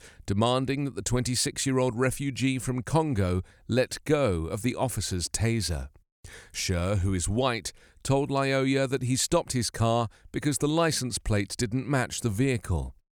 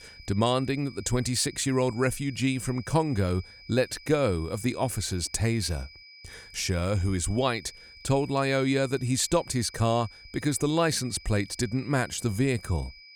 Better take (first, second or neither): first